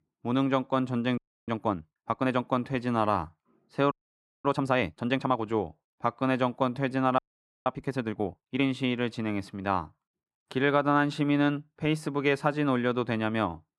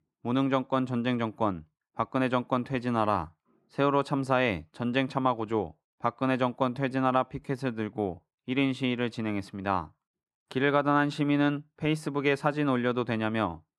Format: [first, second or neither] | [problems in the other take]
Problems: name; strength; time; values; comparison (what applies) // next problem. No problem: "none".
second | audio freezing; at 1 s, at 4 s for 0.5 s and at 7 s